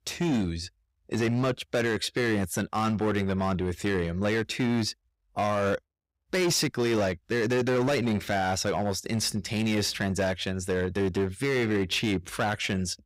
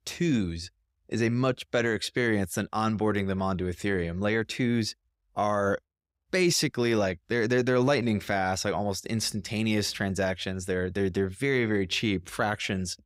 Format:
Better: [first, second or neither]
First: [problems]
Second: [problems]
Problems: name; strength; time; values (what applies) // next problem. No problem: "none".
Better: second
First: distortion; slight; 13% of the sound clipped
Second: none